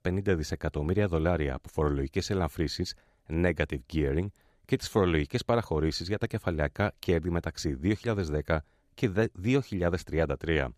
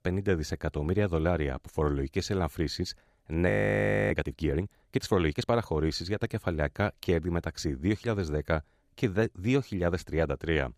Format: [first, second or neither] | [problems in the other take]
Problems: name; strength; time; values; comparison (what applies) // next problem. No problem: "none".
first | audio freezing; at 3.5 s for 0.5 s